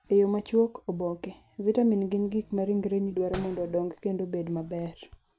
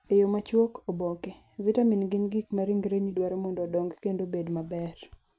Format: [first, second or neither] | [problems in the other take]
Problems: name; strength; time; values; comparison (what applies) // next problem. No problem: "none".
second | background sound (Slam); 19 dB below the speech